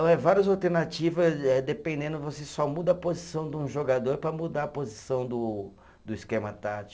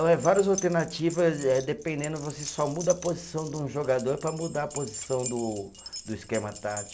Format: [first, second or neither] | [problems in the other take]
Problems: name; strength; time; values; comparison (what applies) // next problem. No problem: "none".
first | background sound (Keys jangling); 14 dB below the speech